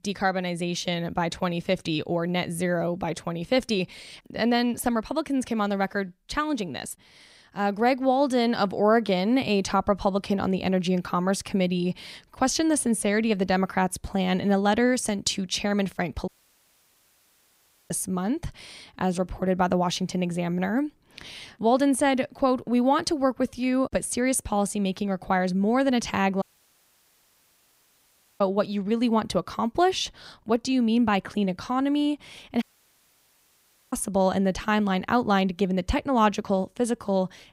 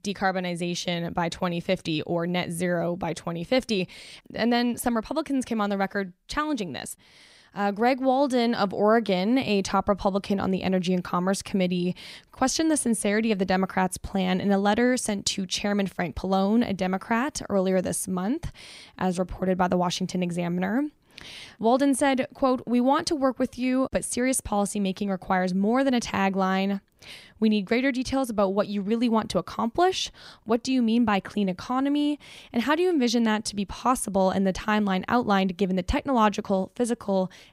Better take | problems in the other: second | audio cutting out; at 16 s for 1.5 s, at 26 s for 2 s and at 33 s for 1.5 s

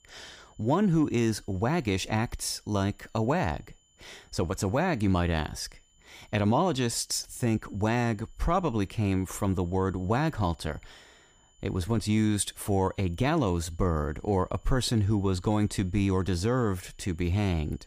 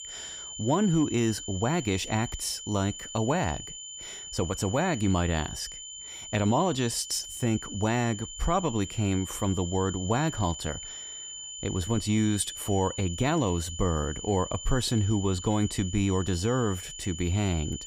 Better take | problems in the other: first | high-pitched whine; loud; throughout; 7 kHz, 10 dB below the speech; faint in the first

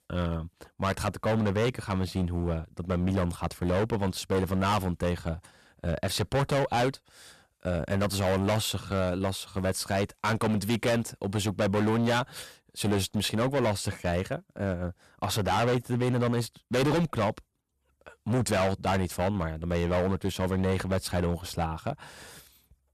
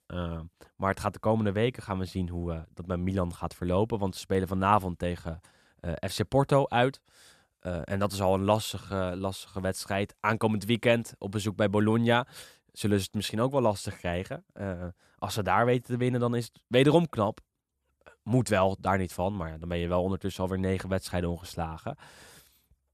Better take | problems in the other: second | distortion; heavy; 15% of the sound clipped

